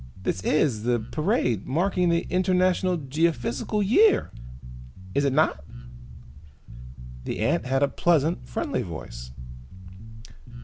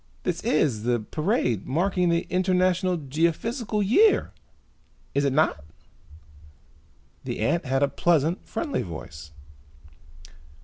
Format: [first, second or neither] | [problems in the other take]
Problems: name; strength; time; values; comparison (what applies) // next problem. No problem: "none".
second | background sound (Bass guitar); 13 dB below the speech